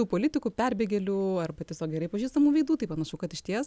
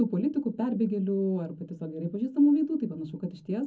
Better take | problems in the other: first | room echo; dies away in 0.4 s

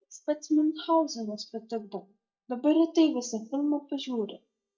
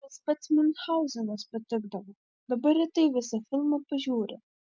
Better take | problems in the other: second | noise reduction (neural mask model DeepFilterNet 3)

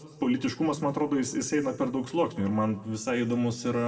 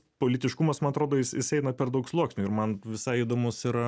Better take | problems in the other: second | room echo; dies away in 1.2 s

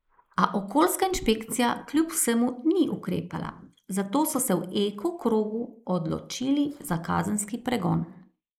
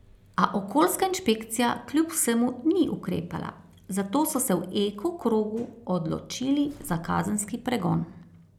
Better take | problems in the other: second | noise reduction (neural mask model Resemble Enhance denoiser)

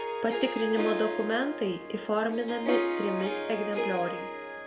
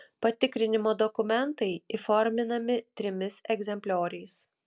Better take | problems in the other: second | background sound (Harp); 3 dB below the speech // room echo; dies away in 0.6 s

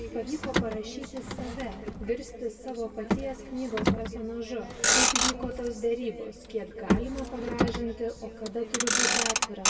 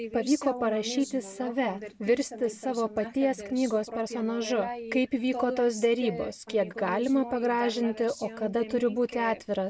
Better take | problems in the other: second | background sound (Motor vehicle (road)); 4 dB above the speech // room echo; dies away in 1.6 s

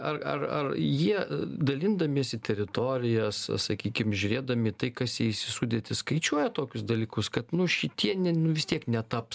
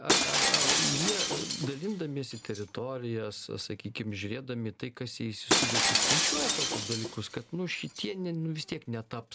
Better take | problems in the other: first | background sound (Shatter); 4 dB above the speech

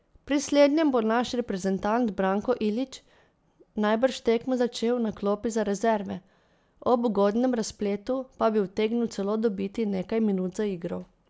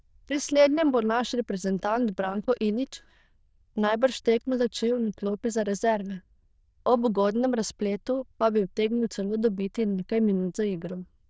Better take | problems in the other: first | noise reduction (neural diffusion model UNIVERSE++)

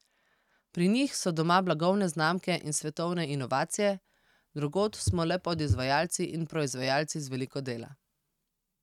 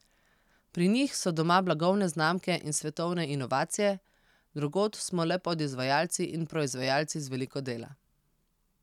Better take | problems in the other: second | noise reduction (neural mask model RNNoise)

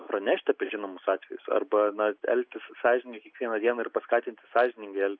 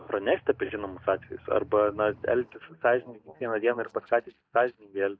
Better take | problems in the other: first | noise reduction (neural mask model DeepFilterNet 3)

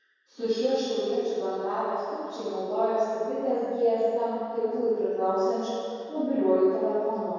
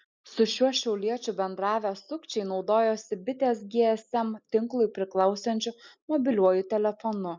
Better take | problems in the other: second | room echo; dies away in 2.2 s

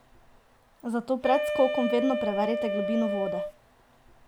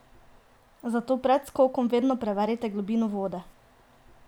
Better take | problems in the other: second | background sound (Wind instrument, woodwind instrument); 1 dB below the speech

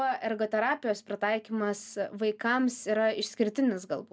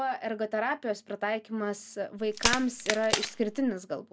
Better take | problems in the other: first | background sound (Crack); 1 dB below the speech

